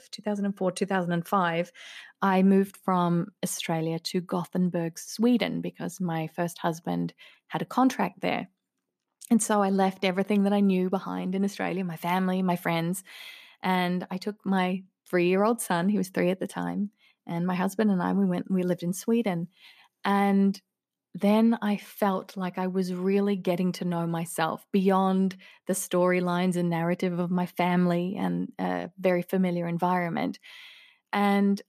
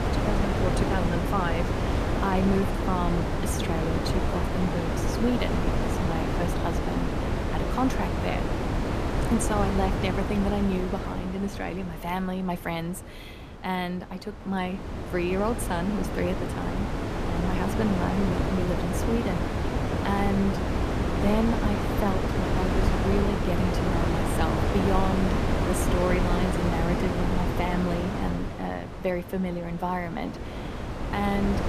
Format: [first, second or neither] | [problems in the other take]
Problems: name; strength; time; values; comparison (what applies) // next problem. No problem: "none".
first | wind noise on the microphone; heavy; 1 dB above the speech